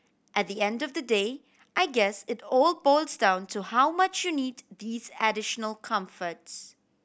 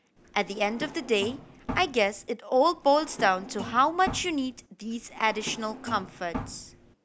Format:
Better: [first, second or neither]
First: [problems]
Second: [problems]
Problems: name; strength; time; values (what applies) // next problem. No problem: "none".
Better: first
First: none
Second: background sound (Drawer open or close); 13 dB below the speech